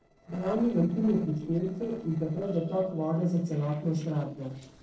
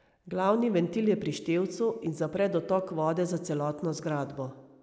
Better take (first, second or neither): second